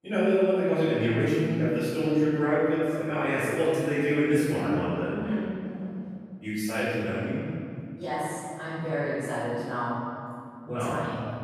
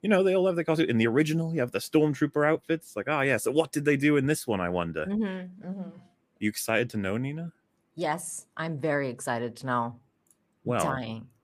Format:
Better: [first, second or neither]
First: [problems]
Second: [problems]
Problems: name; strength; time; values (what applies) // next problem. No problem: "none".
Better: second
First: off-mic speech; far // room echo; strong; dies away in 2.3 s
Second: none